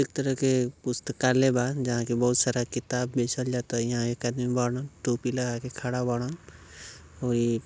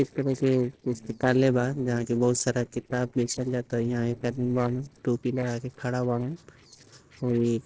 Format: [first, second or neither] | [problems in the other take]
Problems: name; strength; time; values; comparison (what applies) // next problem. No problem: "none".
first | noise reduction (neural separator model SepFormer DNS4)